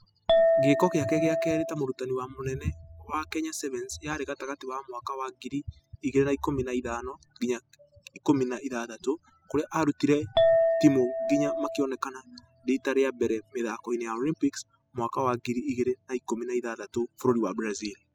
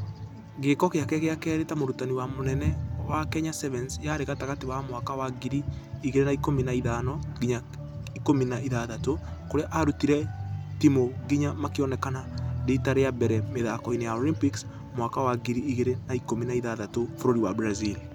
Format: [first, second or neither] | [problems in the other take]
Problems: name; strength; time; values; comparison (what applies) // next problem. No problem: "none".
second | noise reduction (classical method spectral subtraction)